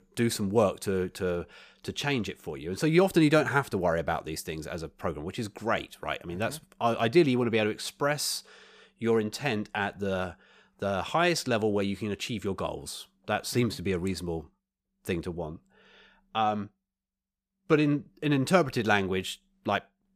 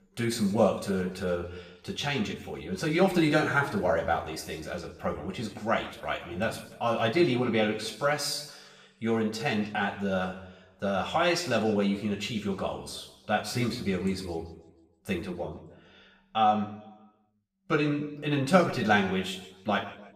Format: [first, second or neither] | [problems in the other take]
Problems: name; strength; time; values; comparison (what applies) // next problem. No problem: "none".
first | room echo; slight; dies away in 0.8 s // off-mic speech; somewhat distant